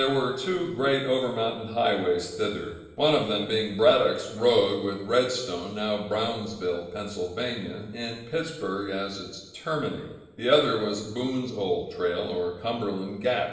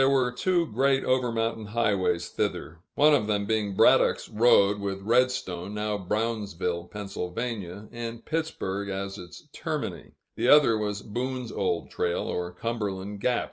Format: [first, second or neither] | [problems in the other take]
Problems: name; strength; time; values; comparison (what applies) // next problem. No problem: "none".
second | room echo; dies away in 1 s